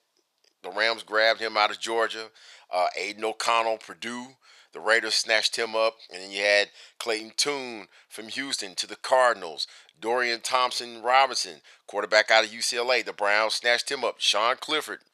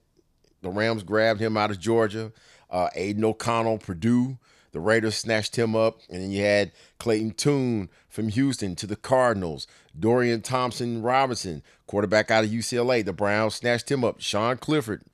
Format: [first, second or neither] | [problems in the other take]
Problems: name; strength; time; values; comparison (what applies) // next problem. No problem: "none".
second | thin; very; fading below 750 Hz